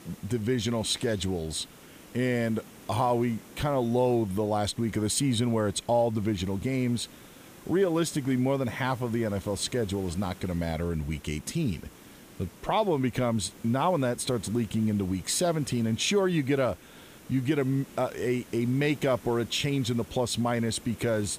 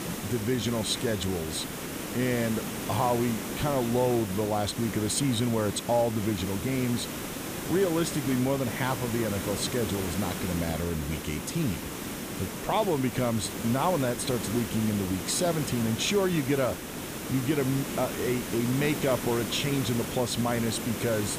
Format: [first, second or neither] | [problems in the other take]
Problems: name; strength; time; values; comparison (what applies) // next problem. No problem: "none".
first | hiss; loud; throughout; 6 dB below the speech; faint in the first